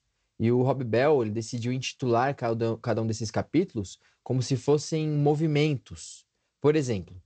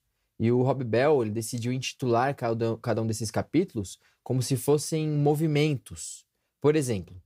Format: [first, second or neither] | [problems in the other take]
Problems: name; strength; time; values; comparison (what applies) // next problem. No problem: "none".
second | garbled, watery; slightly; nothing above 8 kHz